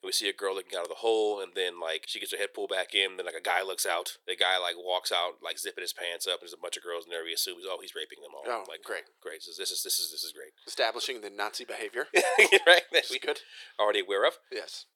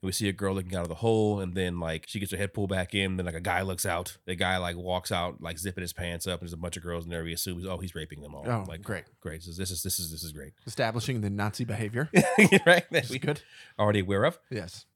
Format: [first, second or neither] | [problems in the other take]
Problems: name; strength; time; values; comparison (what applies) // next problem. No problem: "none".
second | thin; very; fading below 350 Hz